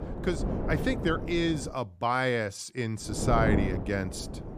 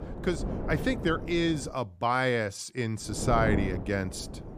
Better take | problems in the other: second | wind noise on the microphone; heavy; until 1.5 s and from 3 s on; 7 dB below the speech; occasional gusts in the second

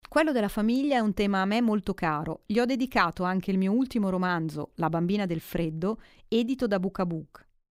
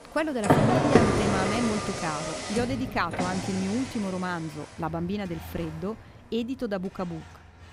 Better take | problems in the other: first | traffic noise; very loud; throughout; 4 dB above the speech

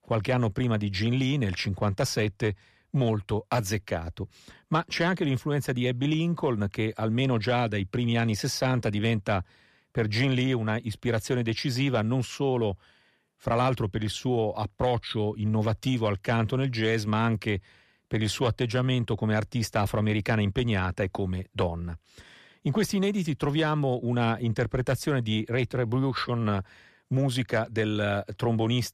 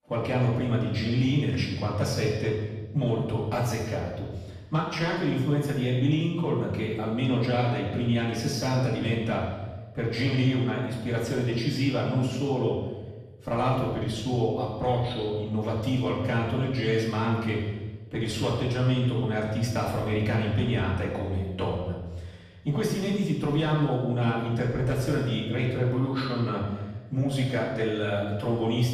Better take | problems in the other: first | off-mic speech; far // room echo; noticeable; dies away in 1.1 s

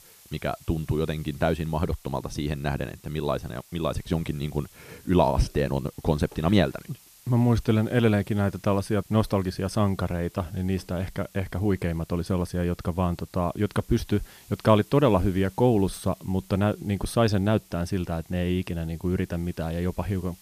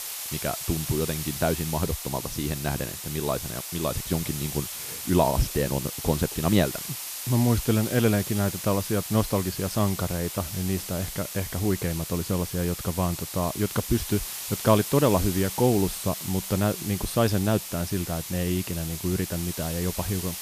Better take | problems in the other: first | hiss; loud; throughout; 6 dB below the speech; faint in the first

